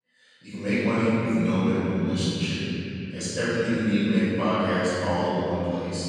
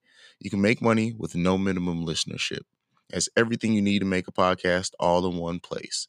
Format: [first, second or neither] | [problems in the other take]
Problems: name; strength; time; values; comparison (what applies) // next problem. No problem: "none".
second | room echo; strong; dies away in 3 s // off-mic speech; far